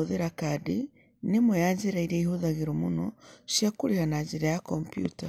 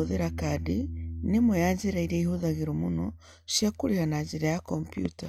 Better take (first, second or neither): first